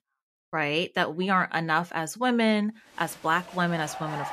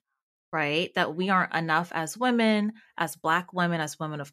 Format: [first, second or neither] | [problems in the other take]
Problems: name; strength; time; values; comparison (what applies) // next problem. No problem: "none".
second | crowd noise; very faint; from 3 s on; 15 dB below the speech